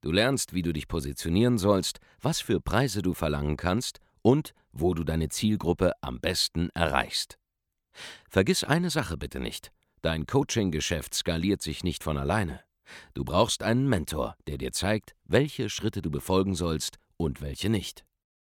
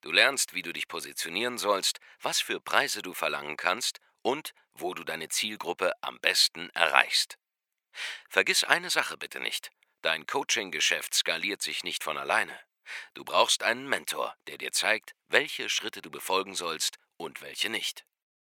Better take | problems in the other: first | thin; very; fading below 700 Hz

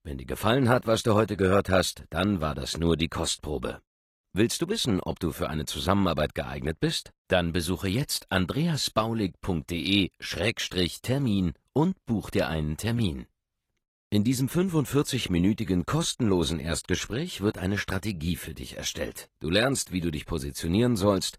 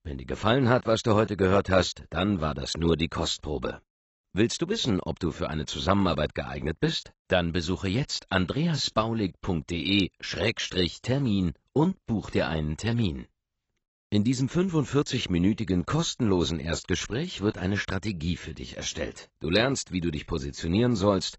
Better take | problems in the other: first | garbled, watery; badly; nothing above 8 kHz; slightly in the first

